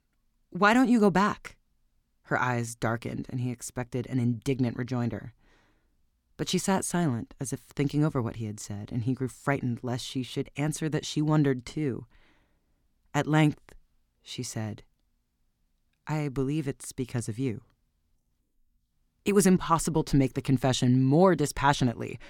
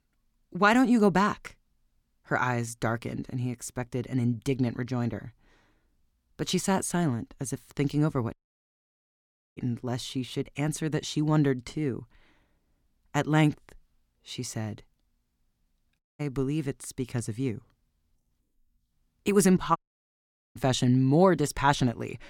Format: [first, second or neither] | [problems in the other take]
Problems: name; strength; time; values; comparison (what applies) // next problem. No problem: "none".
first | audio cutting out; at 8.5 s for 1 s, at 16 s and at 20 s for 1 s